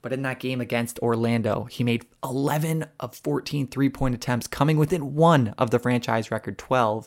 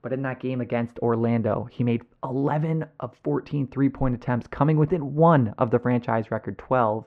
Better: first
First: none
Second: muffled; very; fading above 1.5 kHz

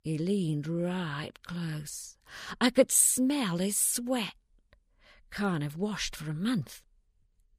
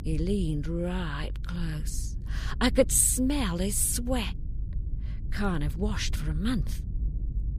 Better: first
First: none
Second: low rumble; faint; throughout; 20 dB below the speech

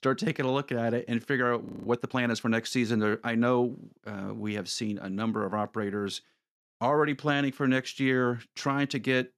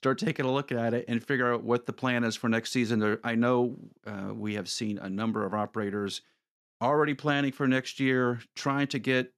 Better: second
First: audio freezing; at 1.5 s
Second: none

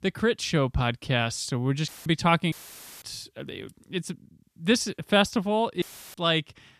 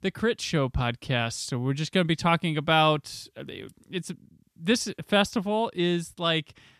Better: second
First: audio cutting out; filled with static; at 2 s, at 2.5 s for 0.5 s and at 6 s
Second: none

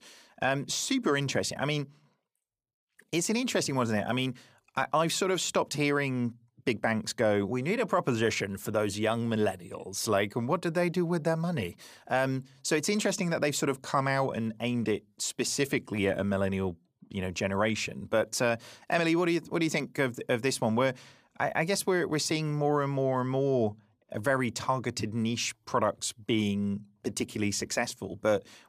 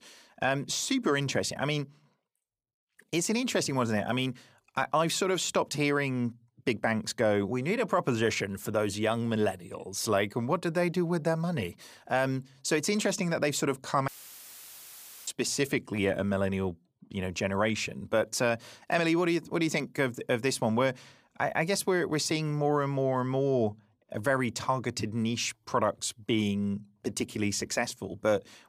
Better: first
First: none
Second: audio cutting out; filled with static; at 14 s for 1 s

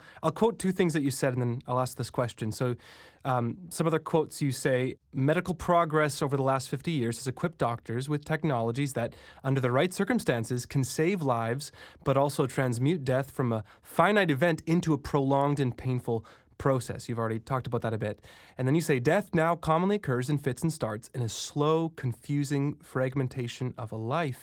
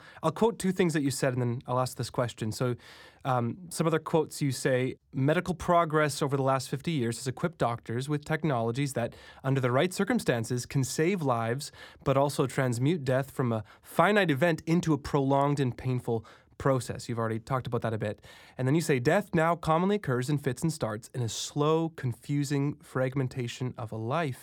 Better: second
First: garbled, watery; slightly; nothing above 18 kHz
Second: none

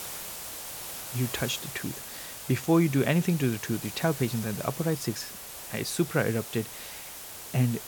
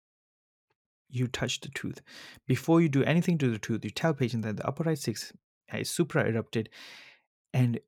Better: second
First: hiss; loud; throughout; 9 dB below the speech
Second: none

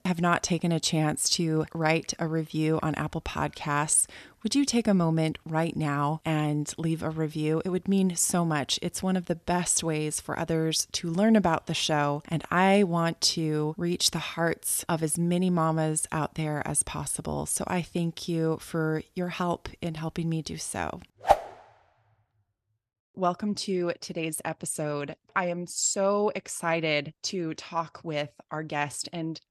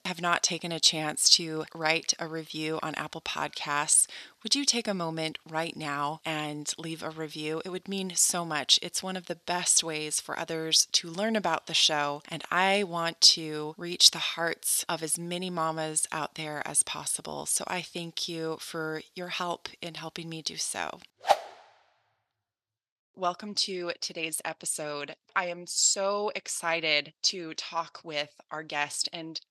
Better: first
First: none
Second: thin; somewhat; fading below 600 Hz

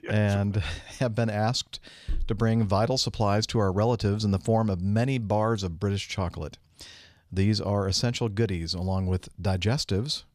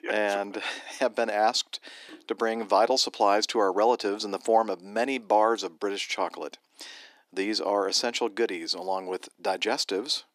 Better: first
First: none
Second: thin; very; fading below 300 Hz

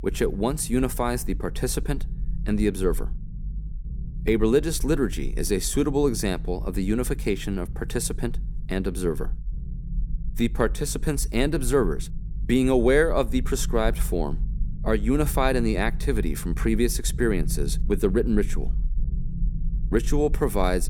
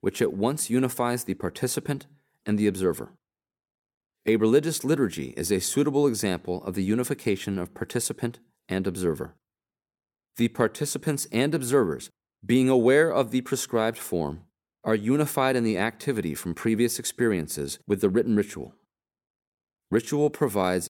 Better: second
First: low rumble; faint; throughout; 20 dB below the speech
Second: none

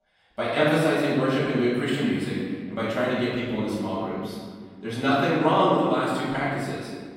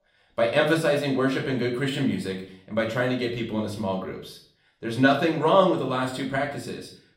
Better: second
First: room echo; strong; dies away in 1.6 s // off-mic speech; far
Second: room echo; slight; dies away in 0.5 s // off-mic speech; far

